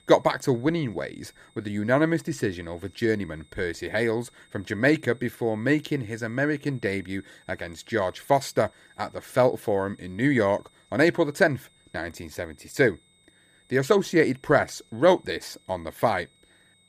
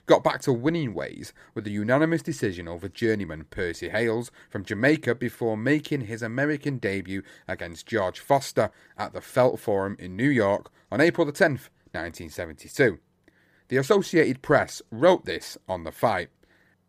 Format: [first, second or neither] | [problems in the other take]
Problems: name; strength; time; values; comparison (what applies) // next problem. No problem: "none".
second | high-pitched whine; faint; throughout; 3.5 kHz, 35 dB below the speech